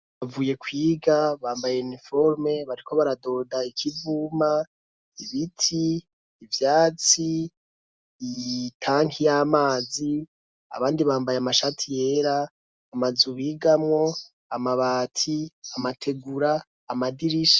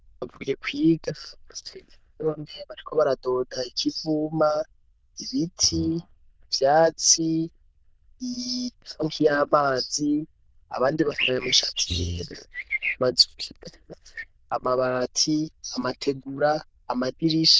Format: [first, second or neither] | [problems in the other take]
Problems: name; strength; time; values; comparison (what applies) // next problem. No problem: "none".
first | noise reduction (neural diffusion model UNIVERSE++)